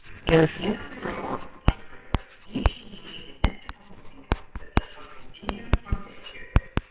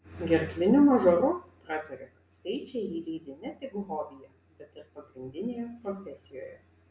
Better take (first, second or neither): second